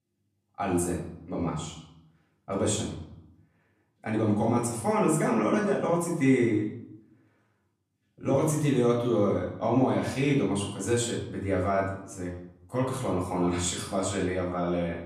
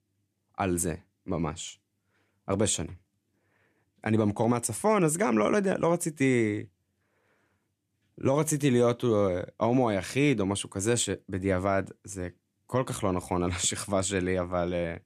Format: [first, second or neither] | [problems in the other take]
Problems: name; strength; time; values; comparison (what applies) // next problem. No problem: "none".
second | room echo; noticeable; dies away in 0.7 s // off-mic speech; far